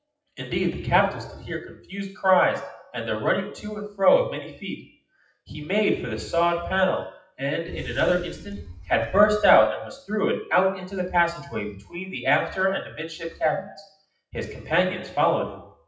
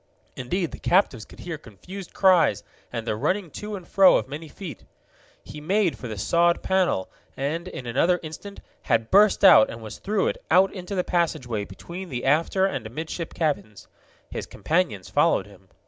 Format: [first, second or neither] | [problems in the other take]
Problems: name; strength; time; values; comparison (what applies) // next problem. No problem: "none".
second | noise reduction (classical method WPE with log-MMSE)